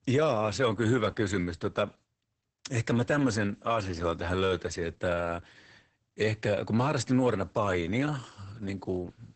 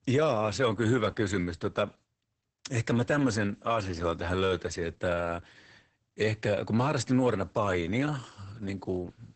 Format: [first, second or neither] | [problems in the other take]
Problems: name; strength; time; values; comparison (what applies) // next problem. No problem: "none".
neither | garbled, watery; badly; nothing above 8 kHz; the same in both